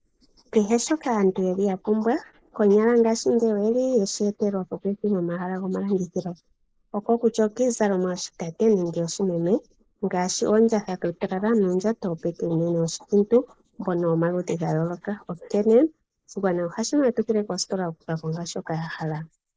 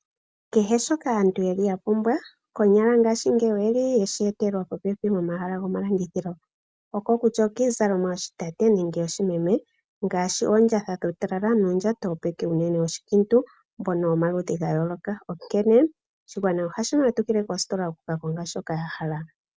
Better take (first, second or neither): second